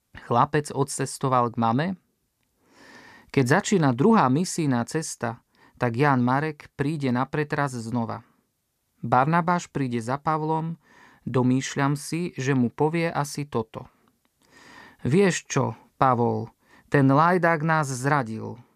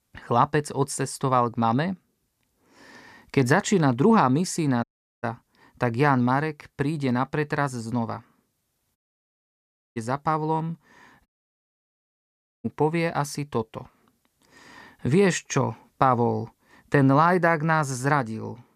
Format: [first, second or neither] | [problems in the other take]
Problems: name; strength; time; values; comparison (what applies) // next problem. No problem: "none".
first | audio cutting out; at 5 s, at 9 s for 1 s and at 11 s for 1.5 s